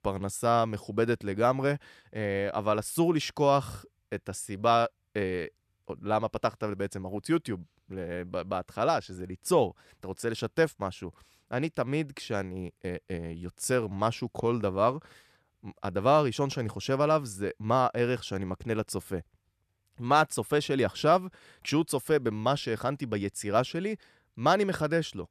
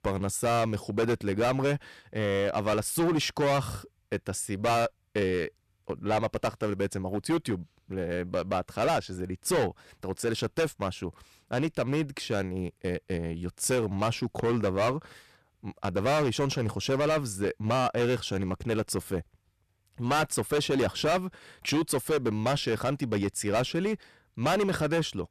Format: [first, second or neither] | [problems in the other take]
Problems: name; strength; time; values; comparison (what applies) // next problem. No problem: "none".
first | distortion; heavy; 12% of the sound clipped